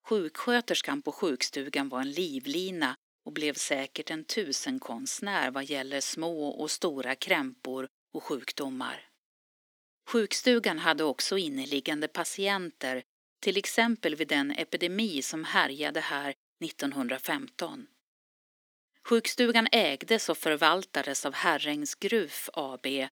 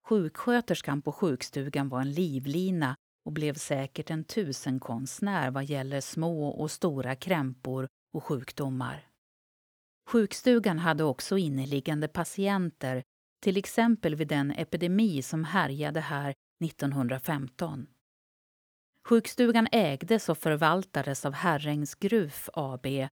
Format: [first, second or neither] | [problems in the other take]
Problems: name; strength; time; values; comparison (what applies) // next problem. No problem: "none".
second | thin; very slightly; fading below 250 Hz